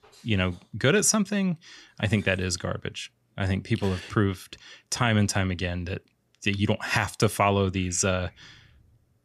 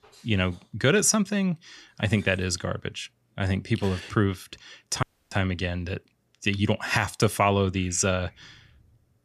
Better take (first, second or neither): first